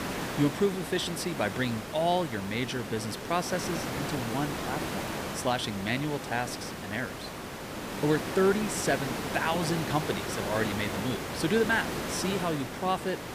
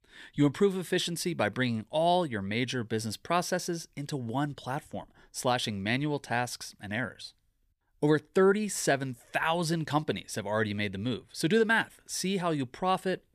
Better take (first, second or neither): second